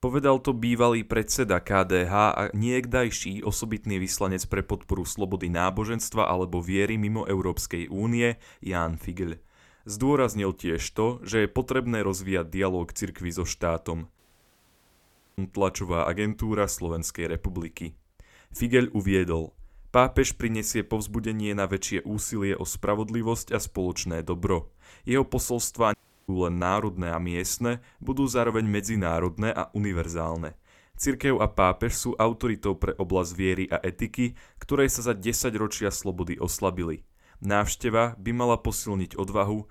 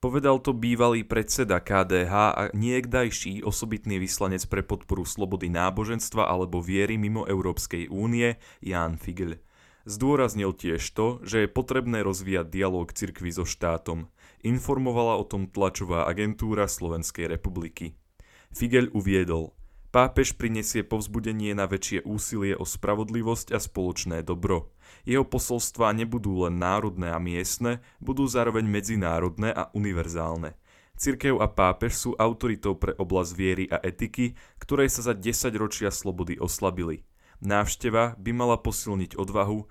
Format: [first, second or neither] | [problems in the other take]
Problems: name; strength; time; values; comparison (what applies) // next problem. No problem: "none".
second | audio cutting out; at 14 s for 1 s and at 26 s